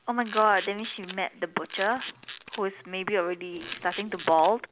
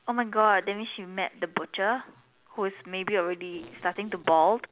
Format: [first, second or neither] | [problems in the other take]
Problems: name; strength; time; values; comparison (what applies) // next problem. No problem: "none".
second | background sound (Camera); 13 dB below the speech